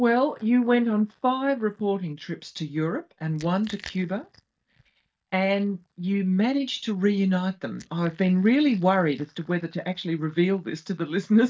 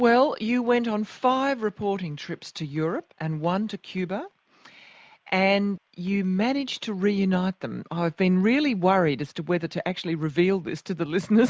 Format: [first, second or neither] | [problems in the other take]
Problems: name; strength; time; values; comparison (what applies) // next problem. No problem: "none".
second | noise reduction (neural mask model DeepFilterNet 3)